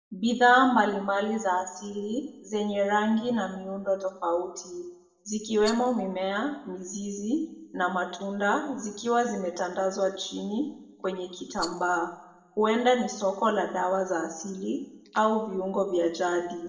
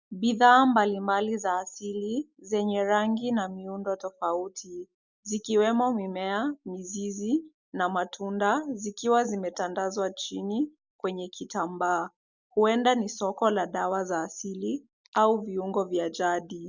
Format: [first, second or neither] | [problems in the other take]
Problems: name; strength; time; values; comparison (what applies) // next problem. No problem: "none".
second | background sound (Rattle); 15 dB below the speech // room echo; dies away in 0.8 s